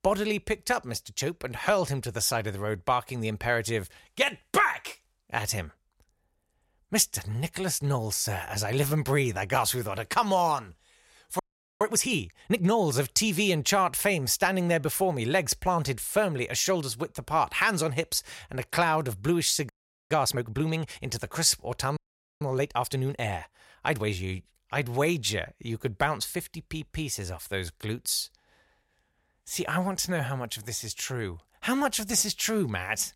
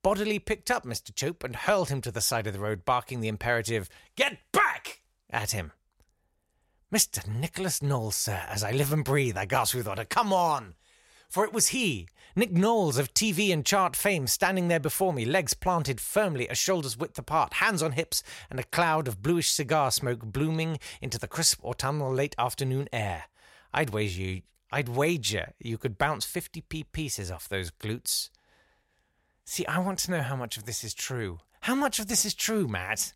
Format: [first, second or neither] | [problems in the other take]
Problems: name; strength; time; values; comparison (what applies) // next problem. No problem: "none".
second | audio freezing; at 11 s, at 20 s and at 22 s